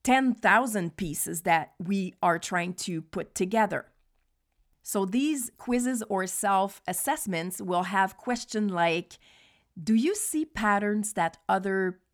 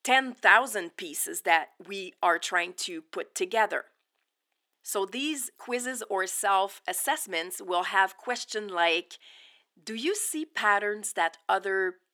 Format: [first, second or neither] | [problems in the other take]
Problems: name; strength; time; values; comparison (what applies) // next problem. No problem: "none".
first | thin; somewhat; fading below 350 Hz